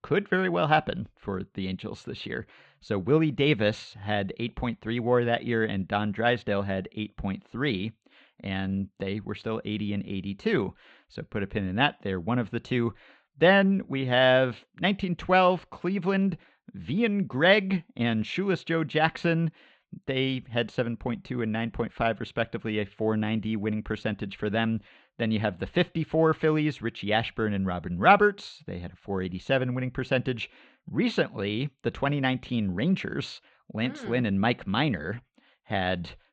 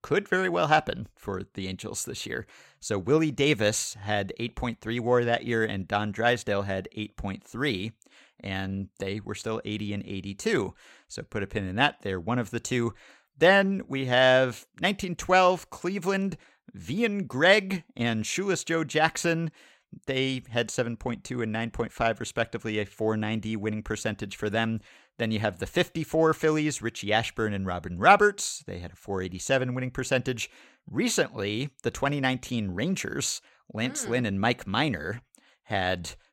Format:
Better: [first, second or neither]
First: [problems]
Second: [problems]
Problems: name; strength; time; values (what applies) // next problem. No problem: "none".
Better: second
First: muffled; slightly; fading above 3.5 kHz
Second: none